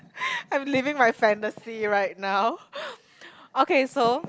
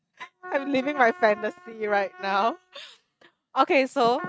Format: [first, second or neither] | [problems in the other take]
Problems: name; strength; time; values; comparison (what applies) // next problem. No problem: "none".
first | noise reduction (neural mask model RNNoise)